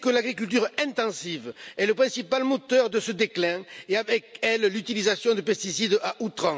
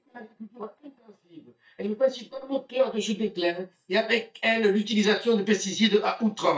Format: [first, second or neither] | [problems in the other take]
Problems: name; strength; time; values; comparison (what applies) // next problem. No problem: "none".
first | noise reduction (neural mask model DeepFilterNet 3)